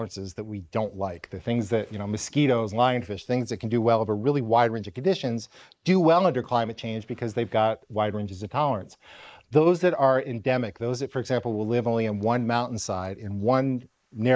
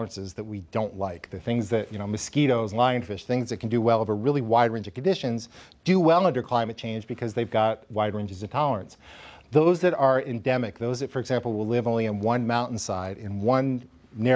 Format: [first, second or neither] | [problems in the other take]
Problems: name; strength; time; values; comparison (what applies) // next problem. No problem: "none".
second | noise reduction (neural mask model Resemble Enhance denoiser)